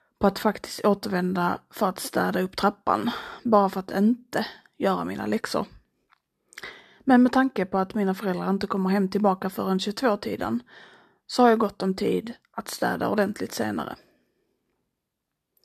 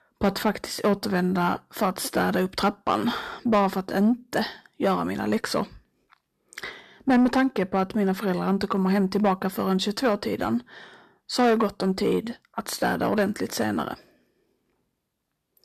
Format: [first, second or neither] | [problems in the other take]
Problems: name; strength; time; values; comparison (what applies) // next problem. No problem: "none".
first | distortion; slight; 10 dB below the speech